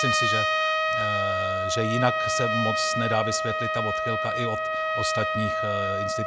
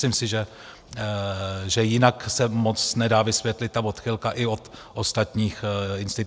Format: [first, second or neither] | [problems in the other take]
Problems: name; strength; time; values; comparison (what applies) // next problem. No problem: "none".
second | background sound (Trumpet); 4 dB above the speech